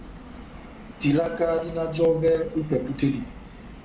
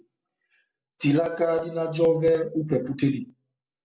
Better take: second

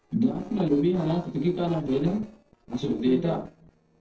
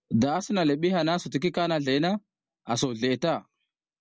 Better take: second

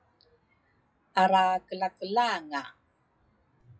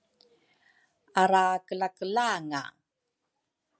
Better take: second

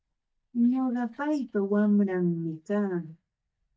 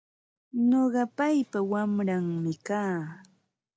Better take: second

